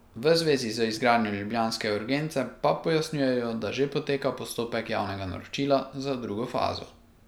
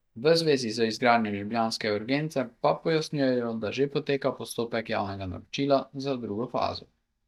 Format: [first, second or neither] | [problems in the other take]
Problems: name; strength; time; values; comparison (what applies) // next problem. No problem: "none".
first | noise reduction (neural mask model DeepFilterNet 3)